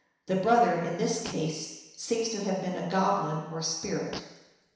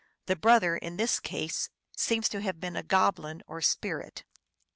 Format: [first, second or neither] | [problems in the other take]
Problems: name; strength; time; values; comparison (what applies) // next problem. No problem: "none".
second | background sound (Fart); 19 dB below the speech // room echo; dies away in 1 s